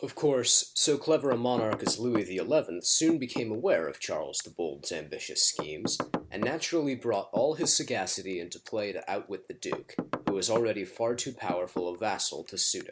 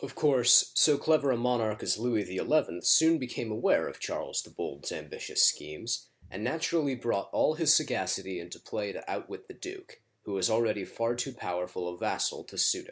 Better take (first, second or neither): second